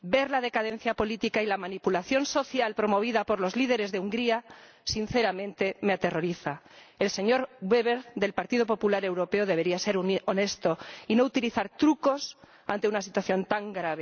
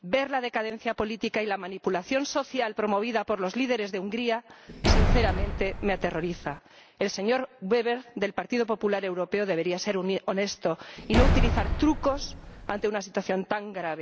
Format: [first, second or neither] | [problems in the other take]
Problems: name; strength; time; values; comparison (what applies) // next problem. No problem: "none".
first | background sound (Slam); 3 dB above the speech